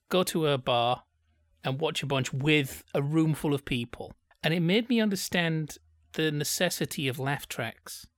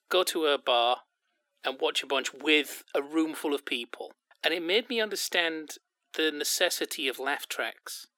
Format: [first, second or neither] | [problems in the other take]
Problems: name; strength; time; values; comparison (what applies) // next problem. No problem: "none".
first | thin; somewhat; fading below 300 Hz